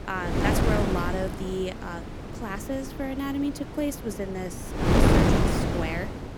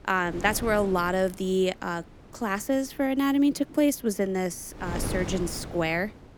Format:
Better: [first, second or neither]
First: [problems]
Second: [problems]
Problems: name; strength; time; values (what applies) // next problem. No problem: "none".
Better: second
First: wind noise on the microphone; heavy; 5 dB above the speech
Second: wind noise on the microphone; occasional gusts; 15 dB below the speech